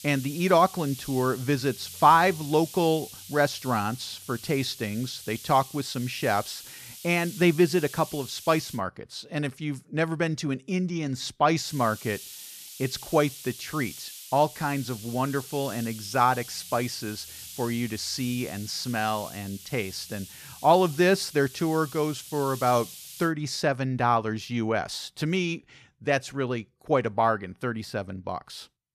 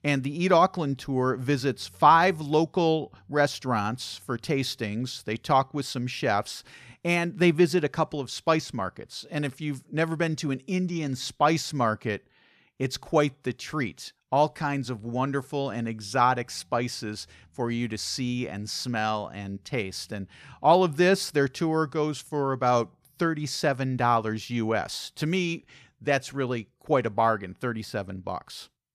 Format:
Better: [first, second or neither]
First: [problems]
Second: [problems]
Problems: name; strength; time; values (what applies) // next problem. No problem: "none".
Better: second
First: hiss; noticeable; until 9 s and from 12 to 23 s; 15 dB below the speech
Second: none